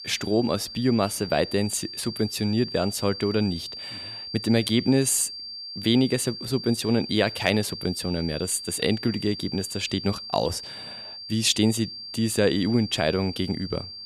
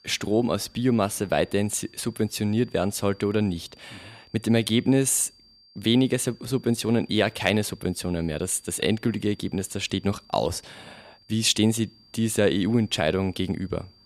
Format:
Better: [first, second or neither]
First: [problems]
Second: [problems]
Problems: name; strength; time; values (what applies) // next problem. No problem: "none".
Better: second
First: high-pitched whine; loud; throughout; 4.5 kHz, 10 dB below the speech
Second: high-pitched whine; faint; throughout; 4.5 kHz, 30 dB below the speech